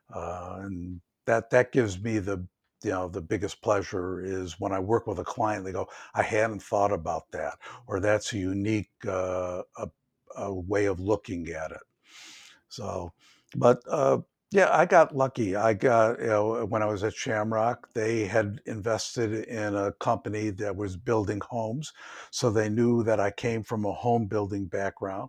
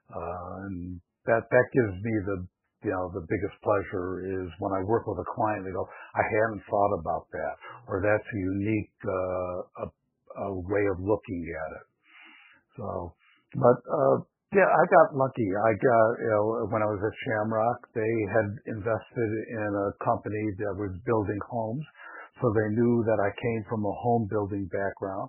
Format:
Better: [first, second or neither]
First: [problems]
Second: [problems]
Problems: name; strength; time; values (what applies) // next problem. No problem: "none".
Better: first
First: none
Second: garbled, watery; badly; nothing above 2.5 kHz